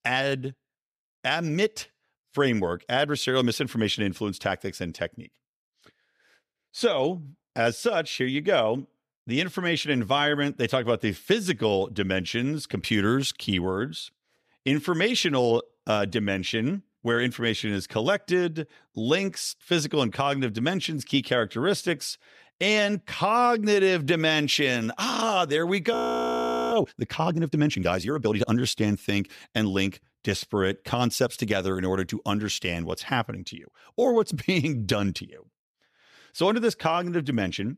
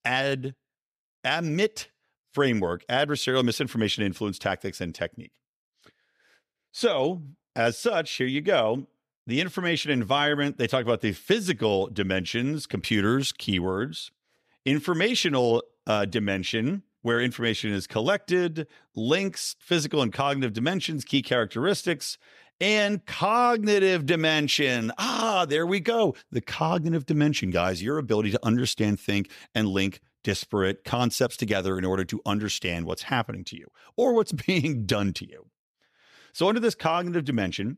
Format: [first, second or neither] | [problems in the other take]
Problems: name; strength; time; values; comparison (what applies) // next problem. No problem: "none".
second | audio freezing; at 26 s for 1 s